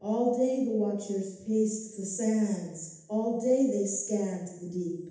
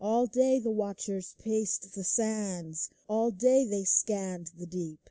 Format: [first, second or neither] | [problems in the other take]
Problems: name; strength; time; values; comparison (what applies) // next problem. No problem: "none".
second | room echo; dies away in 0.8 s